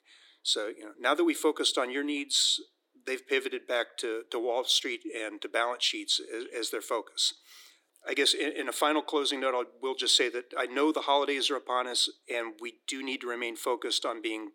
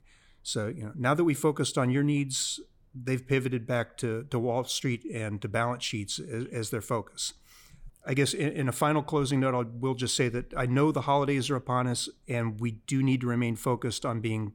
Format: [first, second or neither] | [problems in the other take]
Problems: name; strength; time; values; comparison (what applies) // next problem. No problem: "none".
second | thin; somewhat; fading below 300 Hz